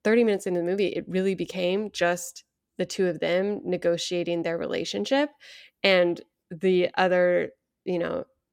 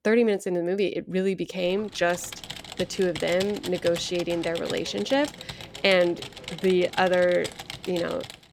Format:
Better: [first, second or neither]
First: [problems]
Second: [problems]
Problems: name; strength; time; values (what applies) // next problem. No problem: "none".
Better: first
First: none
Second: keyboard typing; noticeable; from 1.5 s on; peak 8 dB below the speech